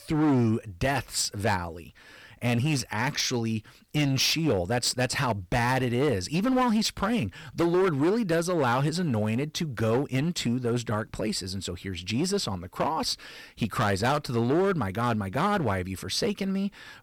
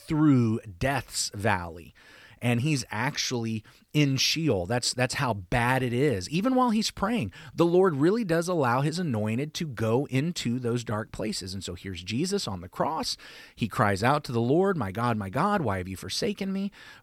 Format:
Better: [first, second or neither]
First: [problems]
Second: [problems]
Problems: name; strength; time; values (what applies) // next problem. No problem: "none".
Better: second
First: distortion; slight; 9% of the sound clipped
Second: none